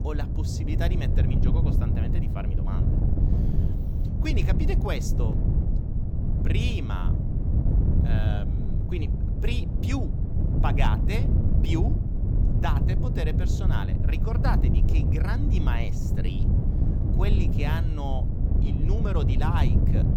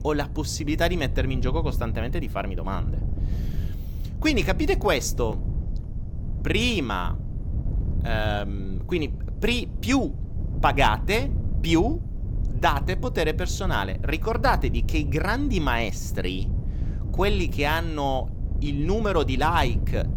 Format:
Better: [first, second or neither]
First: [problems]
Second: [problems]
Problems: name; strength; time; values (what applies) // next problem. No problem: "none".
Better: second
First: wind noise on the microphone; heavy; 2 dB below the speech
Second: wind noise on the microphone; occasional gusts; 20 dB below the speech